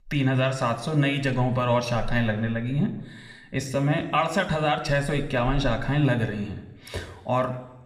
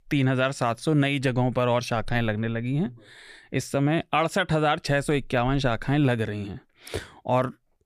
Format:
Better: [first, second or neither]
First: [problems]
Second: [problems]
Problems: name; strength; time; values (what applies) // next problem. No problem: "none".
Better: second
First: room echo; slight; dies away in 1.1 s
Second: none